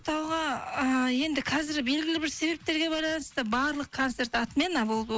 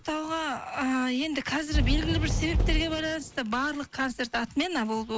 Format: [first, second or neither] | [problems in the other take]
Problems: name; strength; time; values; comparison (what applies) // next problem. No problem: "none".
first | background sound (Fireworks); 2 dB below the speech